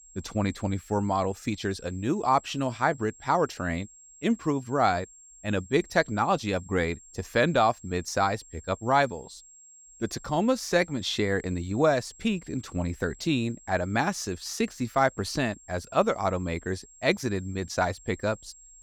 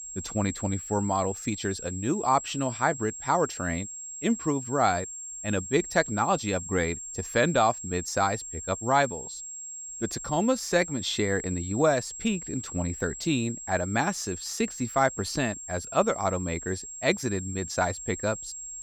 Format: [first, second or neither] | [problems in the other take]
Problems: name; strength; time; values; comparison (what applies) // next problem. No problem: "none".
first | high-pitched whine; loud; throughout; 7.5 kHz, 9 dB below the speech; faint in the first